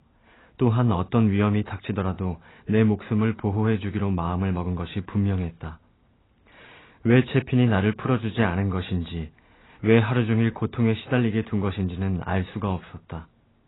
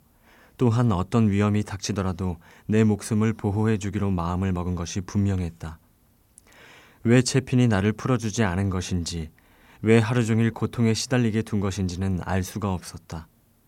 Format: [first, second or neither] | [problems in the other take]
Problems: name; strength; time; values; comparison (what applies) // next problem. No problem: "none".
second | garbled, watery; badly; nothing above 4 kHz